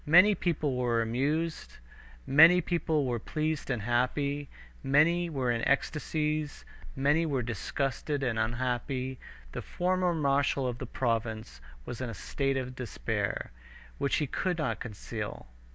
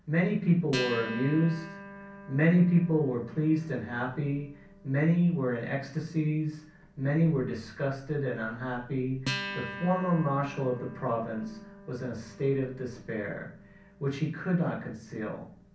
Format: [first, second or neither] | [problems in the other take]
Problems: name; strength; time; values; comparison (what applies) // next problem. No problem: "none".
first | background sound (Acoustic guitar); 14 dB below the speech // room echo; dies away in 0.6 s